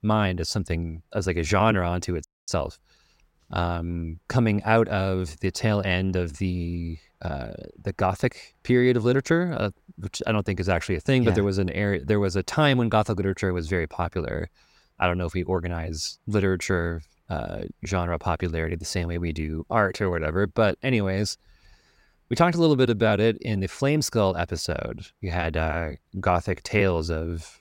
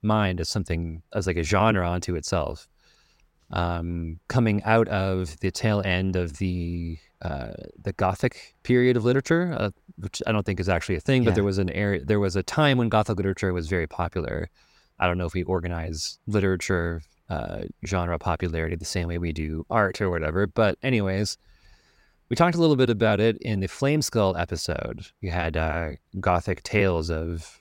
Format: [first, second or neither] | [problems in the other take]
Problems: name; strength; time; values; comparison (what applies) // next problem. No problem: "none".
second | audio freezing; at 2 s